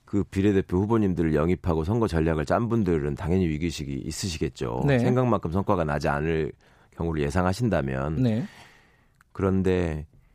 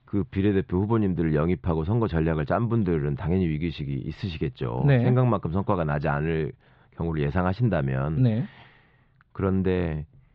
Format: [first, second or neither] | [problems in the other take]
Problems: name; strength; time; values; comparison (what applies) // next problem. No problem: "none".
first | muffled; slightly; fading above 3.5 kHz